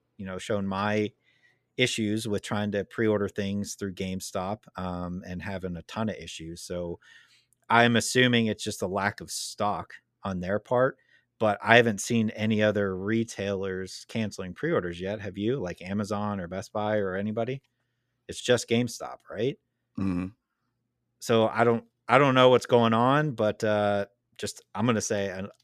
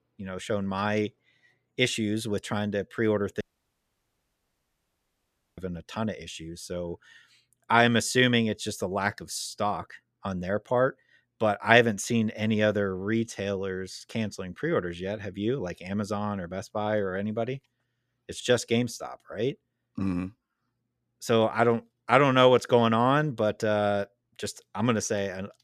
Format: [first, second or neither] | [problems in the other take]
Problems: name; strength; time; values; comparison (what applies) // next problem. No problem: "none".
first | audio cutting out; at 3.5 s for 2 s